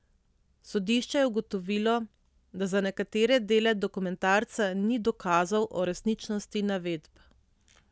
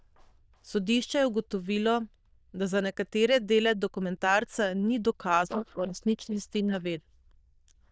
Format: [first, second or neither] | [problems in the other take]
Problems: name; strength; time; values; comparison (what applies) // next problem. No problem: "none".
first | noise reduction (neural diffusion model UNIVERSE++)